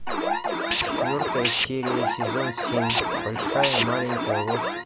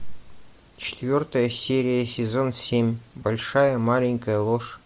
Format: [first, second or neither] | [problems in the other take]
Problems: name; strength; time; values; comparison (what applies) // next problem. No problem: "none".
second | background sound (Alarm + Tools); 4 dB above the speech